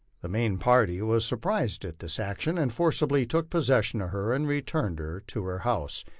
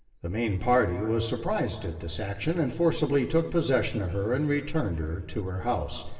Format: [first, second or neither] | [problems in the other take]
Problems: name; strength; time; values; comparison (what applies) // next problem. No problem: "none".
first | room echo; dies away in 2.3 s